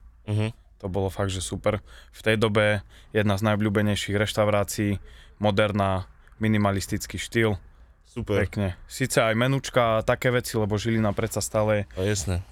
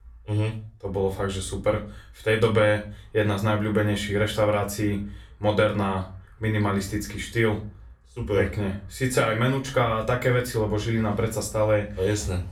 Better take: first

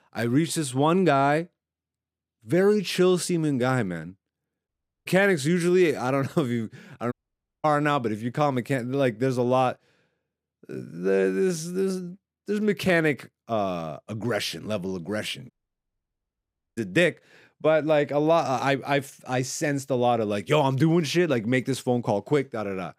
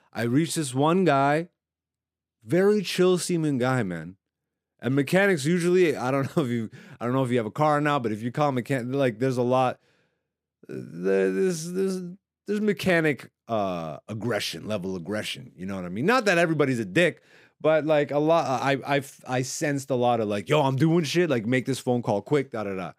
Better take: second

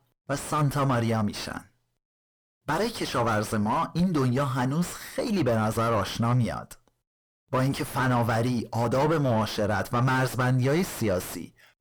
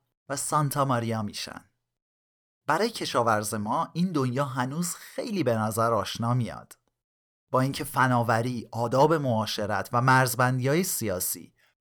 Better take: second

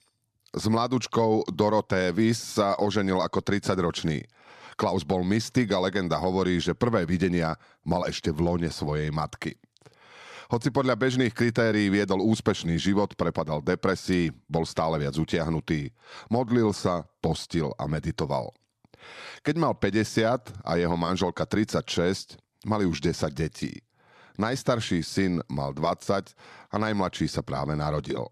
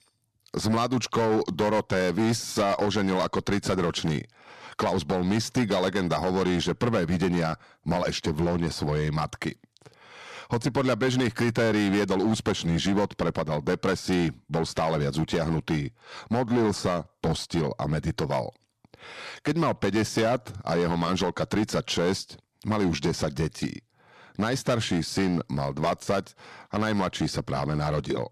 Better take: first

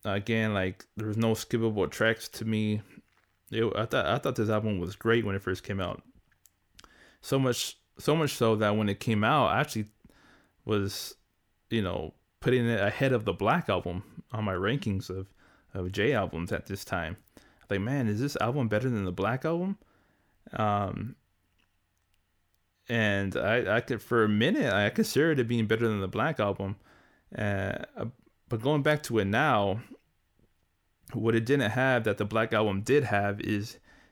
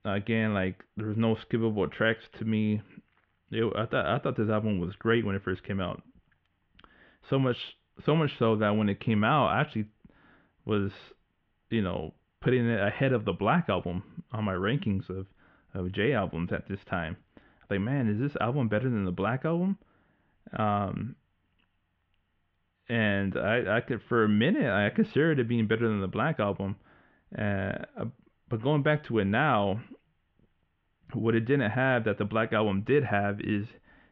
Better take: first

